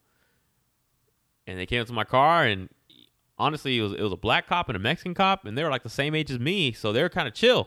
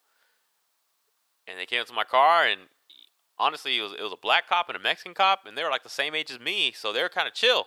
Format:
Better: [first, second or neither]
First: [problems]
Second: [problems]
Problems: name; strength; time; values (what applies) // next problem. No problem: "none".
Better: first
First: none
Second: thin; very; fading below 750 Hz